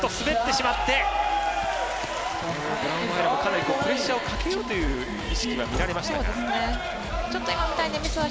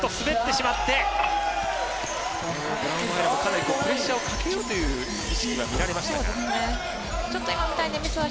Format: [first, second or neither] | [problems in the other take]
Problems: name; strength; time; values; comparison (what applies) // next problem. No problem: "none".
first | background sound (Water + Wind chime); 13 dB below the speech